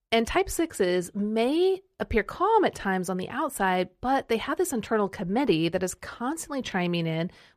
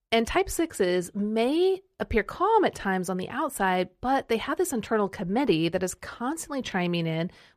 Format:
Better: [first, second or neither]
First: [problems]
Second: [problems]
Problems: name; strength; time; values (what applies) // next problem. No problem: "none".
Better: neither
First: none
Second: none